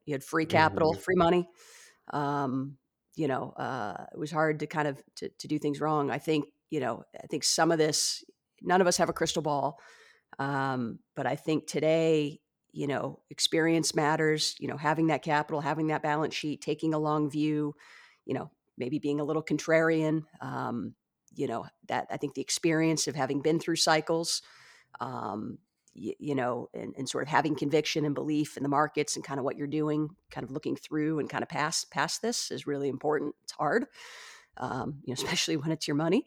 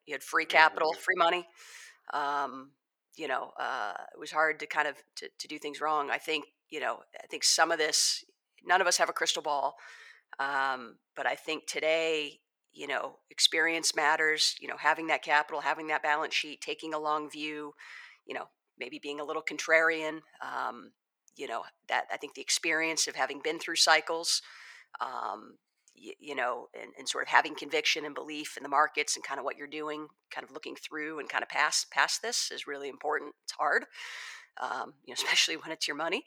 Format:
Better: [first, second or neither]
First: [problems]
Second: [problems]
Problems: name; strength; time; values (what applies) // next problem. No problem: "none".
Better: first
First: none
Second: thin; very; fading below 650 Hz